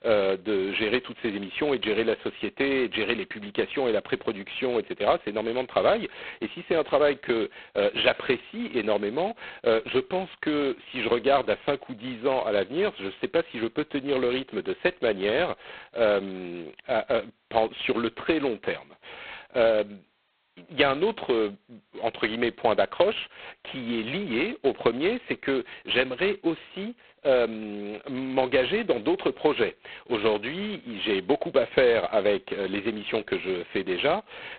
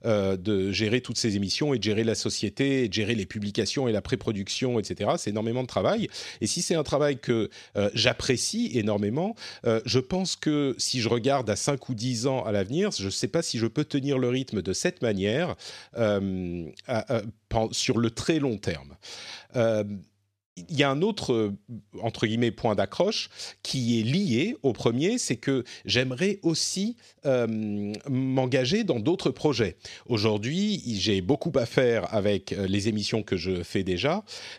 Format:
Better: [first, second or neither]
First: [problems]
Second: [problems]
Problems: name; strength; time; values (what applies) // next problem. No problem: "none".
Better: second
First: phone-call audio; poor line; nothing above 4 kHz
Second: none